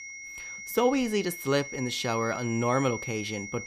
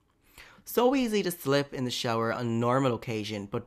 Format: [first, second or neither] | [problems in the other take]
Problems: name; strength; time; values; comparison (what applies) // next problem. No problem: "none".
second | high-pitched whine; loud; throughout; 2 kHz, 9 dB below the speech